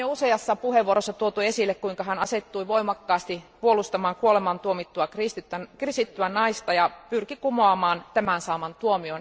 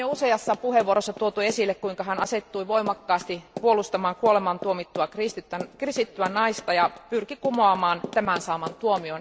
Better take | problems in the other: first | background sound (Run); 16 dB below the speech

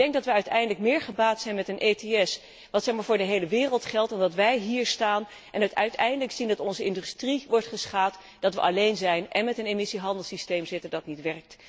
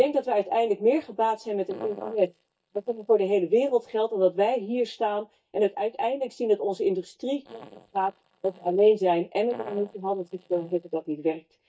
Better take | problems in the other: first | noise reduction (neural mask model DeepFilterNet 3)

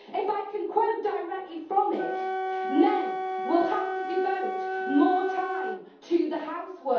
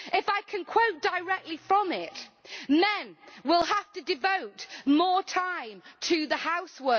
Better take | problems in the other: second | background sound (Wind instrument, woodwind instrument); 5 dB below the speech // room echo; dies away in 0.7 s

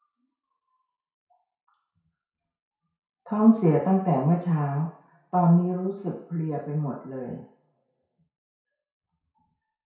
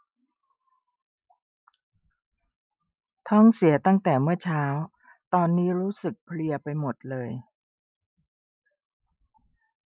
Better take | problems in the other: second | room echo; dies away in 0.6 s

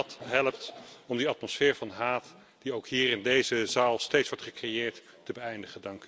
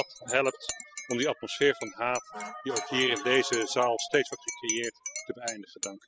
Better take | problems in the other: first | noise reduction (classical method spectral subtraction)

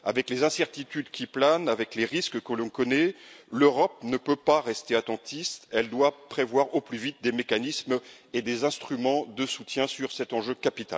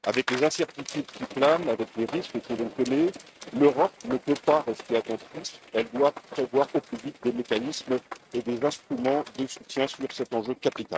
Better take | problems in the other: first | noise reduction (neural mask model RNNoise)

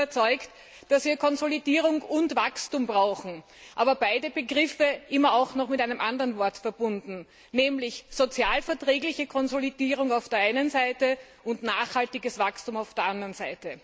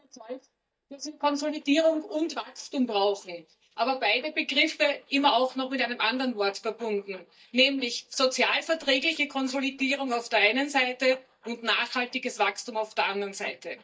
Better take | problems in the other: first | noise reduction (neural mask model DeepFilterNet 3)

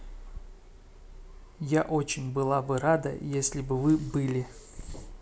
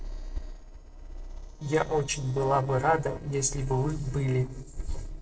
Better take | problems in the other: first | noise reduction (neural separator model SepFormer DNS4)

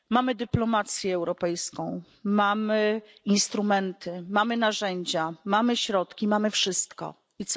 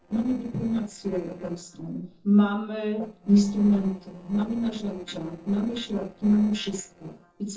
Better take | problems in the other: first | noise reduction (neural separator model SepFormer DNS4)

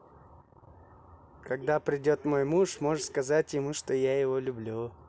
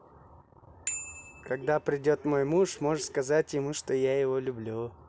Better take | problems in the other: first | background sound (Bicycle bell); 14 dB below the speech

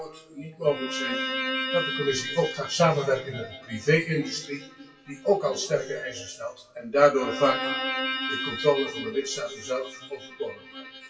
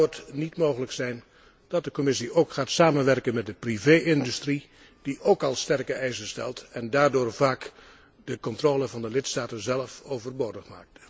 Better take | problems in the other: second | noise reduction (classical method WPE with log-MMSE)

